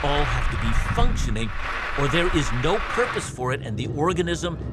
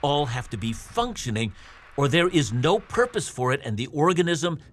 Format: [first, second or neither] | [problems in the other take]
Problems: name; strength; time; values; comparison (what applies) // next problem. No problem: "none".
second | traffic noise; loud; throughout; 2 dB below the speech; faint in the second